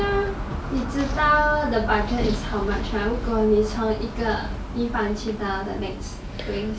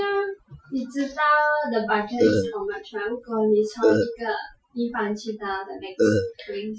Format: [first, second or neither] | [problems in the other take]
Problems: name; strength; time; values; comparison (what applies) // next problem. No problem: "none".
first | noise reduction (classical method Wiener filter)